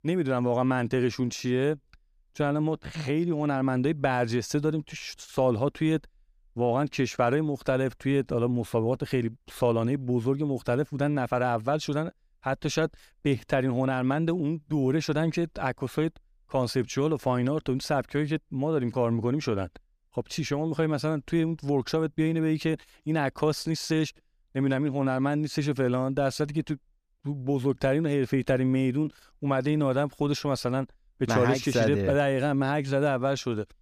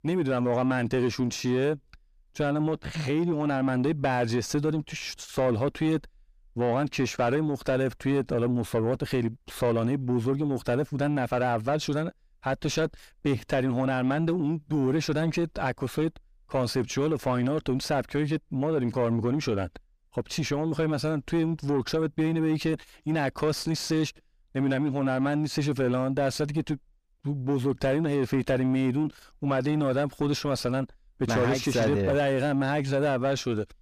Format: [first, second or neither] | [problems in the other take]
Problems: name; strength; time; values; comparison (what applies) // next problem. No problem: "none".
first | distortion; slight; 10 dB below the speech